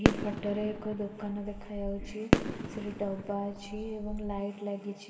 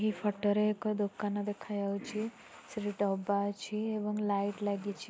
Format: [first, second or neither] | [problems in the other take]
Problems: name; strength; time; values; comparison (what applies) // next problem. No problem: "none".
second | background sound (Fireworks); 3 dB above the speech // room echo; dies away in 2 s